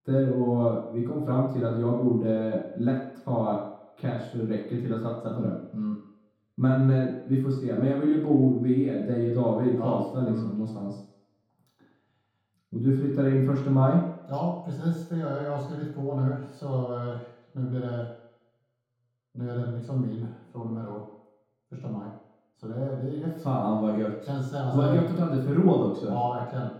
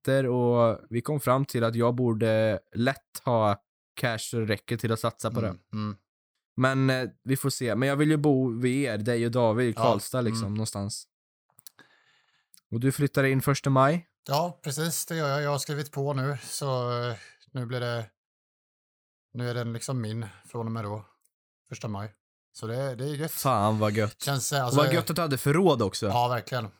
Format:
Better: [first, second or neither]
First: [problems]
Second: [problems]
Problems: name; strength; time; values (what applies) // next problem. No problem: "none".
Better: second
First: room echo; strong; dies away in 0.8 s // off-mic speech; far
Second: none